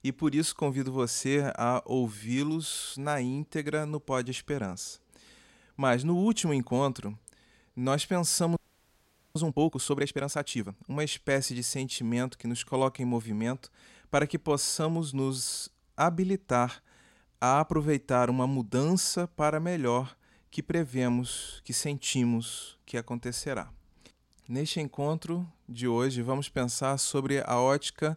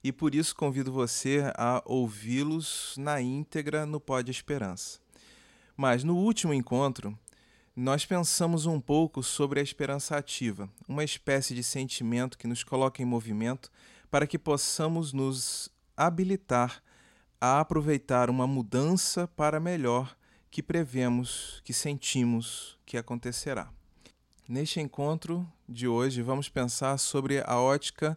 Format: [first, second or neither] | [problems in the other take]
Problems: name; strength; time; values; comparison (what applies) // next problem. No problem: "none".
second | audio freezing; at 8.5 s for 1 s